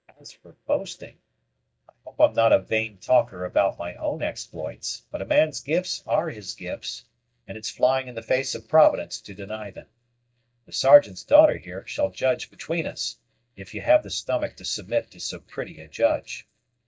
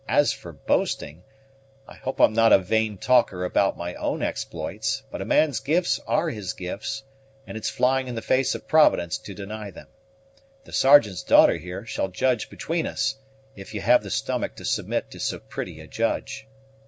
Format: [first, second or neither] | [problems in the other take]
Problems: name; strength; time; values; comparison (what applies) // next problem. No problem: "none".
second | noise reduction (neural mask model DeepFilterNet 3)